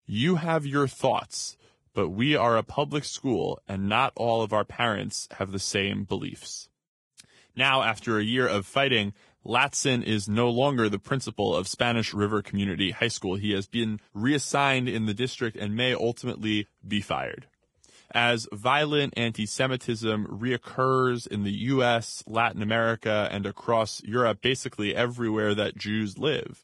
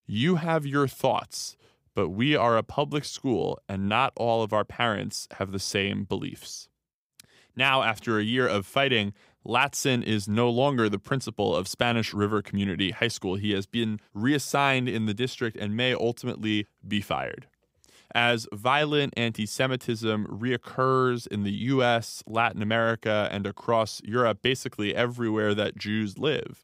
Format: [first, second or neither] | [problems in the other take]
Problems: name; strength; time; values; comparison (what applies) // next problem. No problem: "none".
second | garbled, watery; badly; nothing above 10.5 kHz